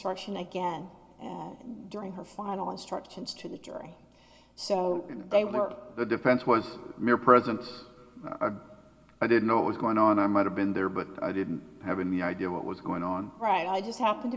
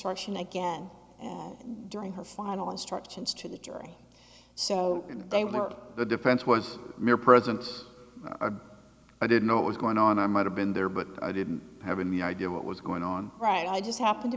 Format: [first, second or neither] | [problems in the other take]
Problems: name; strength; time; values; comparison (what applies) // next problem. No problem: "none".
second | room echo; dies away in 0.2 s